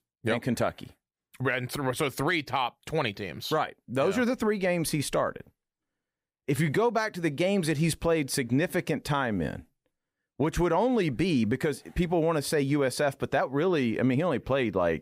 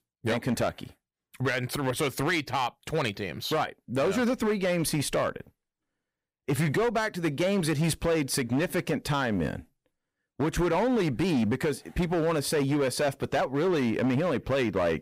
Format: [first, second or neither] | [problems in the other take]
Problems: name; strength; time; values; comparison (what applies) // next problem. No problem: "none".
first | distortion; slight; 12% of the sound clipped